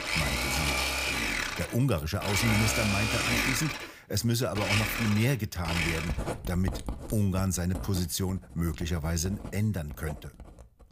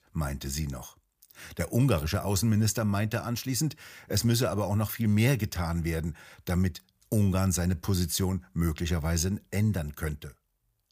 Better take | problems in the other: second | household noises; very loud; throughout; 1 dB above the speech

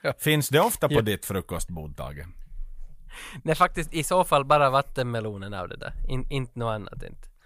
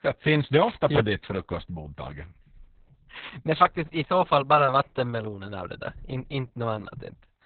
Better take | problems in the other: first | garbled, watery; badly; nothing above 4 kHz

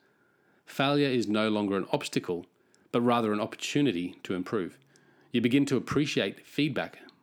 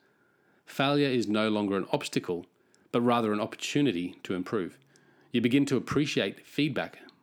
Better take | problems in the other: neither | none

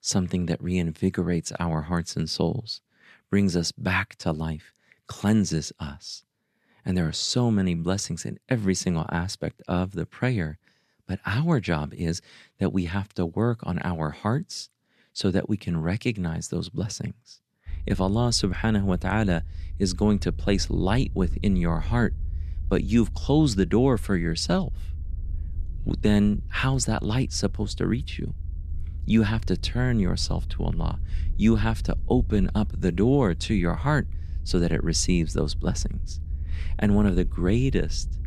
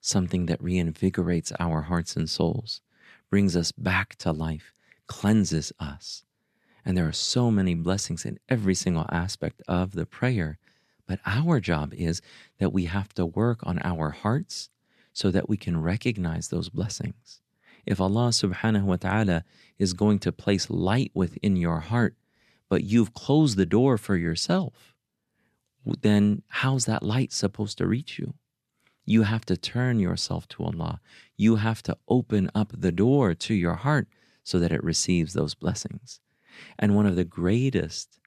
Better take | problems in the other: second | low rumble; faint; from 18 s on; 25 dB below the speech

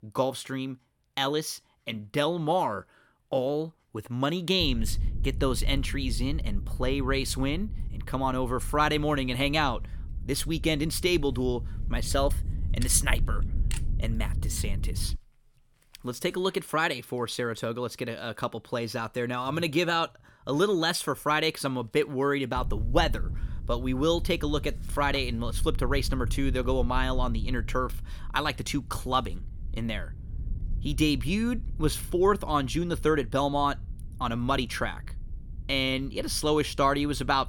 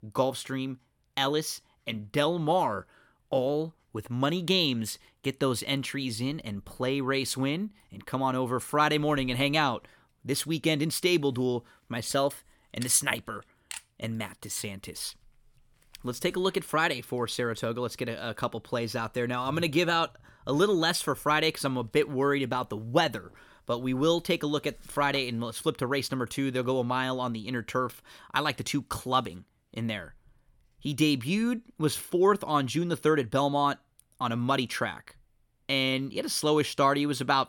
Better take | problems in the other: second | low rumble; faint; from 4.5 to 15 s and from 23 s on; 25 dB below the speech

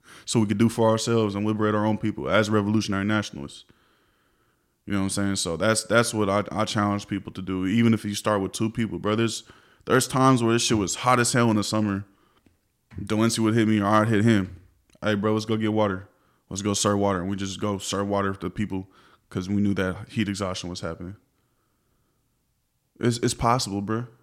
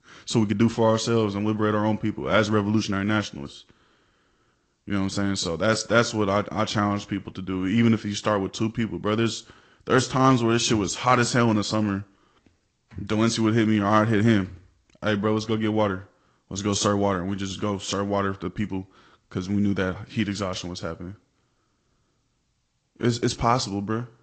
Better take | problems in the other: first | garbled, watery; slightly; nothing above 8 kHz

